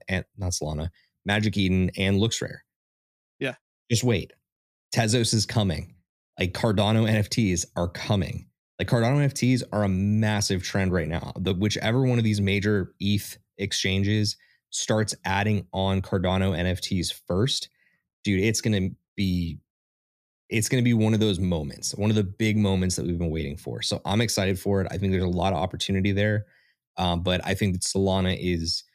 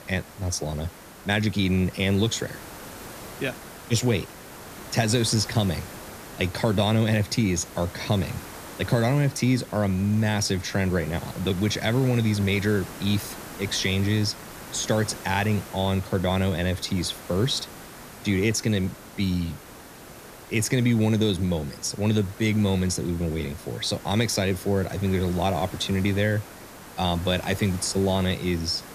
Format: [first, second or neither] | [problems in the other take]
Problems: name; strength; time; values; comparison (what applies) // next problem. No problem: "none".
first | hiss; noticeable; throughout; 15 dB below the speech